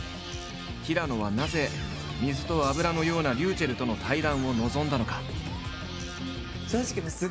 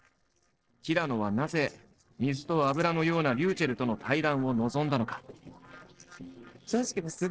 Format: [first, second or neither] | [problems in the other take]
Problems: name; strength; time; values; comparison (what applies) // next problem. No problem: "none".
first | noise reduction (neural separator model SepFormer DNS4)